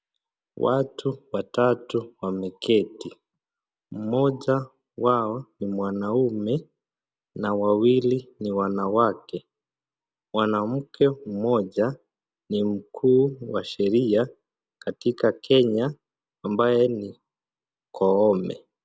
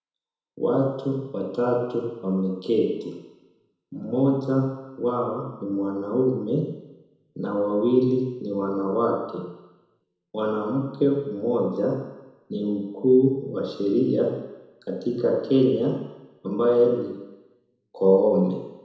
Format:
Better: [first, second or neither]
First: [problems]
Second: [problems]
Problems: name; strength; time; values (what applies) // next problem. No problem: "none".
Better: first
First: none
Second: room echo; dies away in 1 s